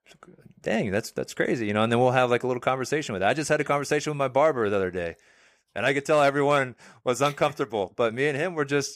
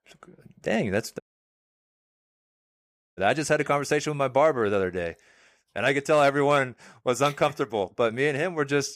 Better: first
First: none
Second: audio cutting out; at 1 s for 2 s

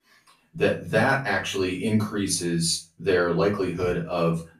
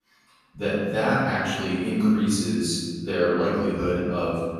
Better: first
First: room echo; slight; dies away in 0.3 s // off-mic speech; far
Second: room echo; strong; dies away in 1.7 s // off-mic speech; far

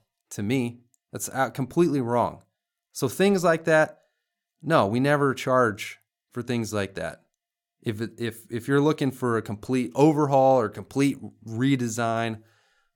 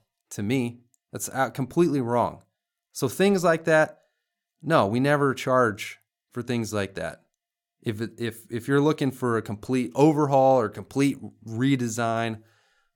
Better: neither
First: none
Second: none

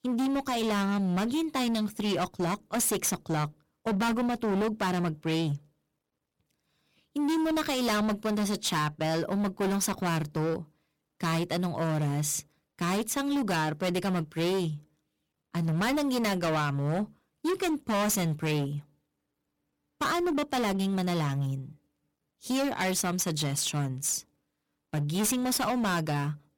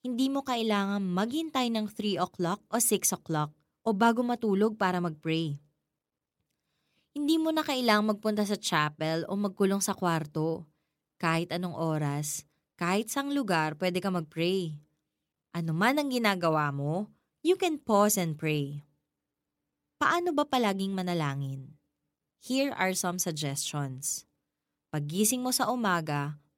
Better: second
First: distortion; heavy; 21% of the sound clipped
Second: none

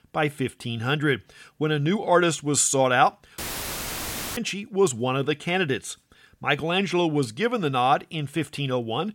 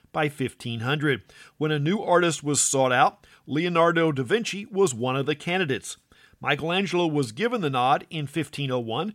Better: second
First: audio cutting out; filled with static; at 3.5 s for 1 s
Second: none

